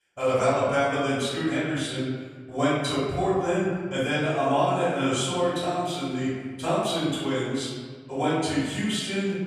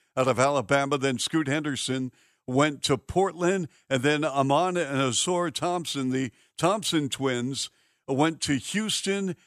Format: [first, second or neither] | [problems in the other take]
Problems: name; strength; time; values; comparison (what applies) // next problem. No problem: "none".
second | off-mic speech; far // room echo; strong; dies away in 1.4 s